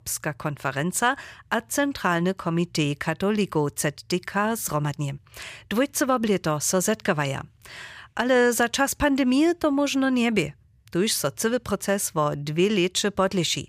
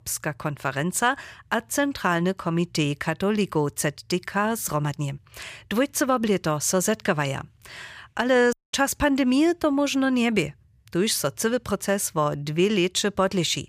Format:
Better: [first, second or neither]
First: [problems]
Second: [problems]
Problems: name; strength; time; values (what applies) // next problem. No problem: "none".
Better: first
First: none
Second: audio cutting out; at 8.5 s